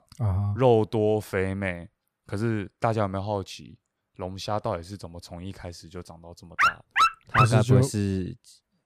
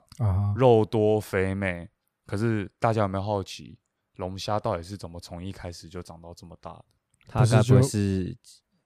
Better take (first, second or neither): second